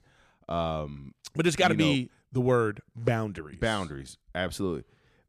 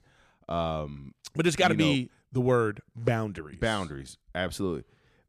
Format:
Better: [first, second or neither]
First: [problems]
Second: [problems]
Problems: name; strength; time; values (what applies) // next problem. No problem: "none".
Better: neither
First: none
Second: none